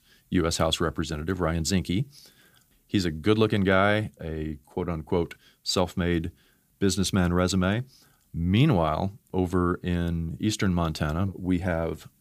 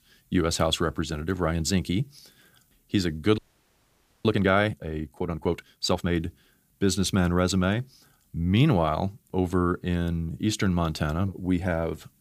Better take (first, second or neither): first